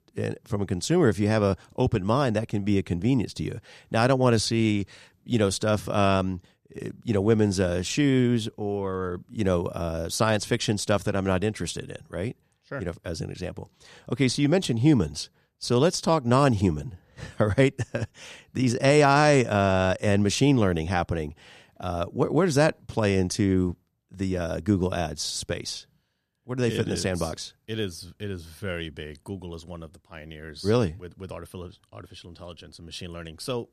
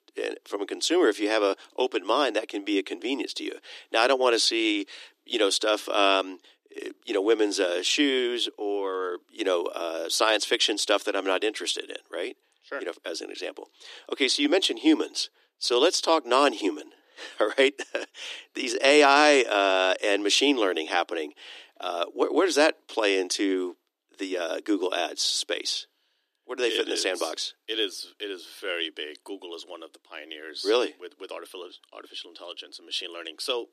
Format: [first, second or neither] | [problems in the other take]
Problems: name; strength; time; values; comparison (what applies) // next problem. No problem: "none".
first | thin; somewhat; fading below 300 Hz